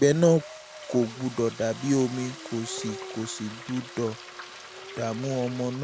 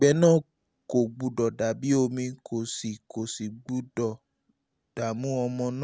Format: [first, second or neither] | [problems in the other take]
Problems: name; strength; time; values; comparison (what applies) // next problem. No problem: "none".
second | background sound (Frying (food) + Dog); 14 dB below the speech